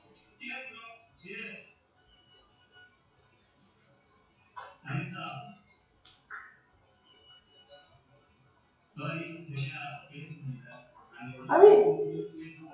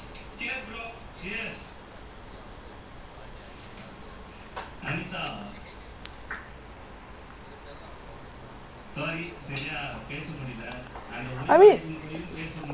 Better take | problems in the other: second | noise reduction (classical method WPE with log-MMSE)

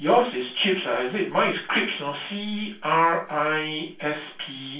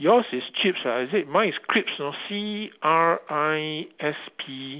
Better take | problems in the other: second | room echo; dies away in 0.2 s

